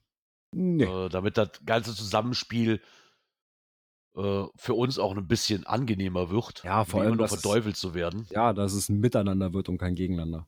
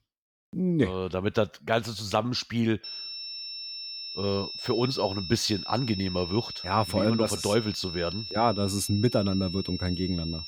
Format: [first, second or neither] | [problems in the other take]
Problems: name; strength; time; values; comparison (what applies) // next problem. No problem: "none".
first | high-pitched whine; loud; from 3 s on; 5.5 kHz, 7 dB below the speech